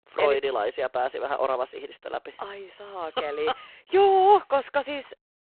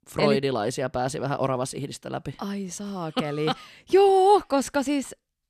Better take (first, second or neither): second